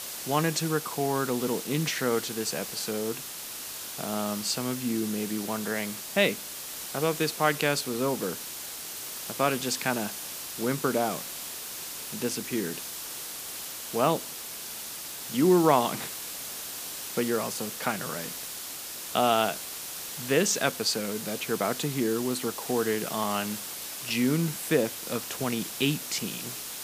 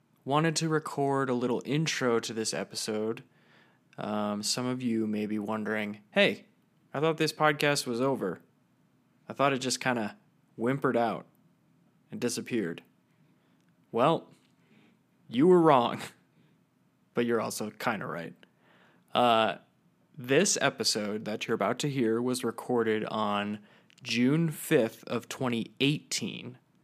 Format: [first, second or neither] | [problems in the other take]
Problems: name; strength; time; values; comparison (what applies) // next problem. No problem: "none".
second | hiss; loud; throughout; 6 dB below the speech